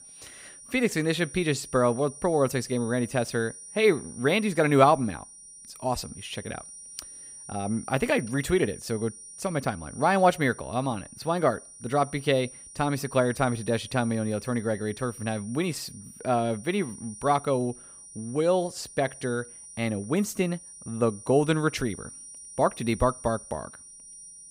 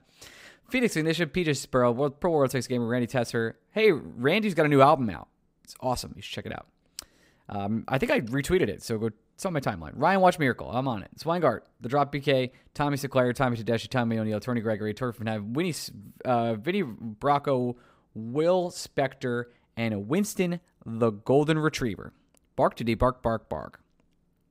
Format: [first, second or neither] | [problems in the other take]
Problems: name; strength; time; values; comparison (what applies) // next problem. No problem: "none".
second | high-pitched whine; noticeable; throughout; 9.5 kHz, 15 dB below the speech